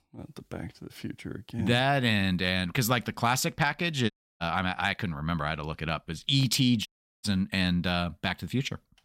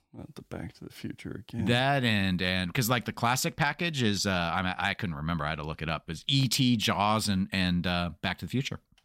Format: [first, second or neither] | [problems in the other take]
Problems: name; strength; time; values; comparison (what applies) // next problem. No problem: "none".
second | audio cutting out; at 4 s and at 7 s